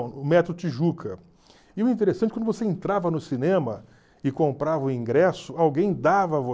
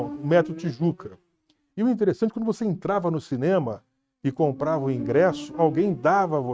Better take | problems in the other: first | noise reduction (neural mask model RNNoise)

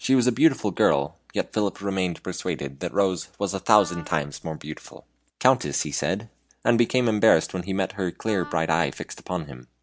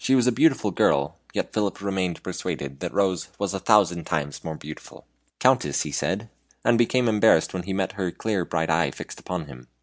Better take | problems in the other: second | background sound (Wind instrument, woodwind instrument); 19 dB below the speech

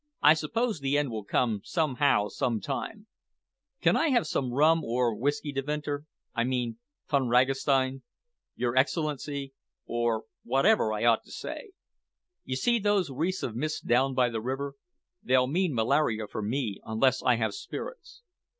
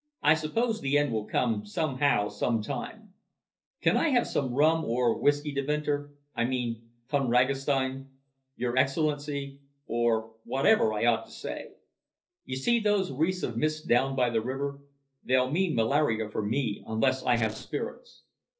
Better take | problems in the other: first | noise reduction (neural separator model SepFormer DNS4)

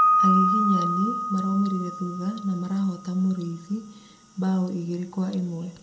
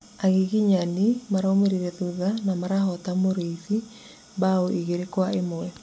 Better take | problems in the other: second | background sound (Piano); 1 dB below the speech // room echo; dies away in 1.5 s

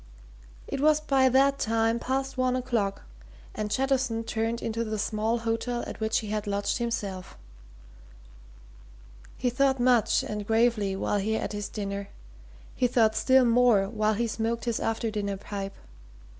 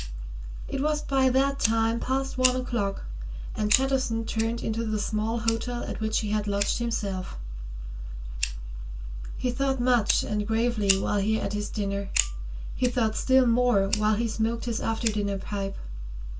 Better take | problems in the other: first | background sound (Fire); 11 dB below the speech // room echo; dies away in 0.1 s

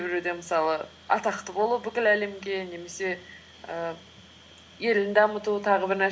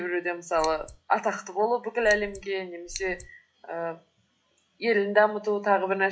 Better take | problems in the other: first | noise reduction (classical method log-MMSE)

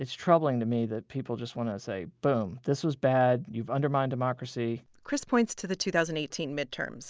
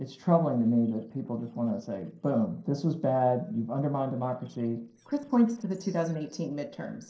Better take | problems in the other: first | noise reduction (neural separator model SepFormer DNS4)

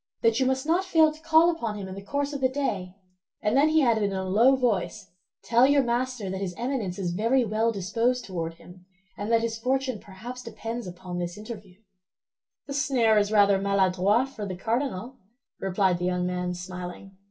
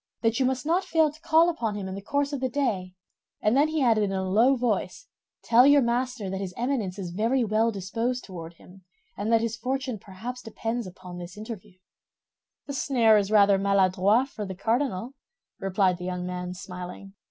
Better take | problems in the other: second | room echo; dies away in 0.2 s

